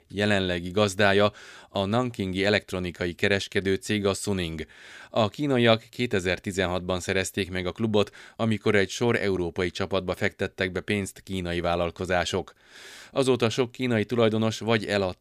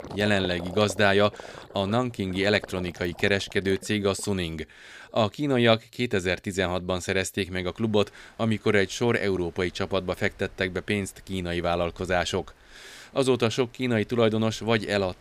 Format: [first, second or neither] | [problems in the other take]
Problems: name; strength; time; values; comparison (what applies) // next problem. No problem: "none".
first | rain or running water; noticeable; throughout; 20 dB below the speech